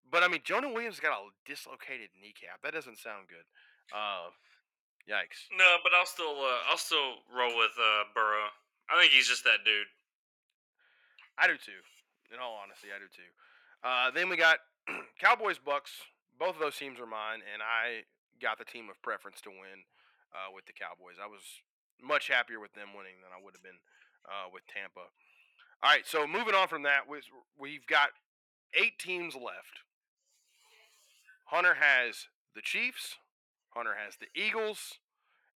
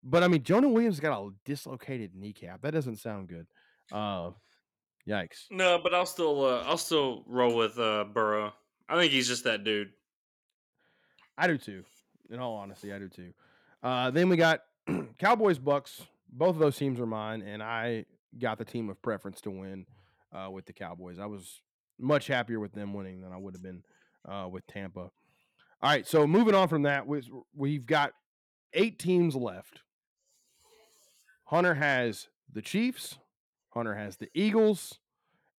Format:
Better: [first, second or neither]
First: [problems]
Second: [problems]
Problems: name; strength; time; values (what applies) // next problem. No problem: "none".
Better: second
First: thin; very; fading below 650 Hz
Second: none